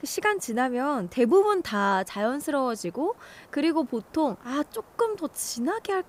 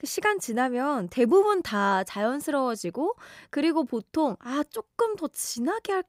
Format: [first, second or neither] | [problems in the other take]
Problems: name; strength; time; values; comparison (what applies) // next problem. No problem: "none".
second | hiss; faint; throughout; 30 dB below the speech